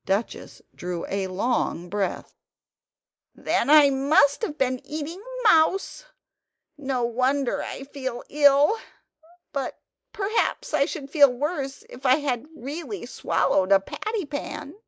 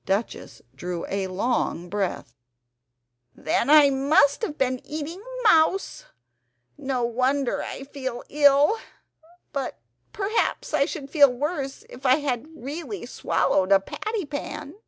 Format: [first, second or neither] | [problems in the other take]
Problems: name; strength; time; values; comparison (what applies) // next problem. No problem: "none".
second | noise reduction (neural mask model Resemble Enhance denoiser)